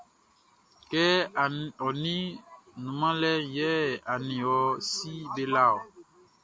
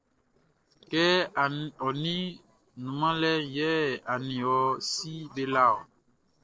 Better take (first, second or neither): first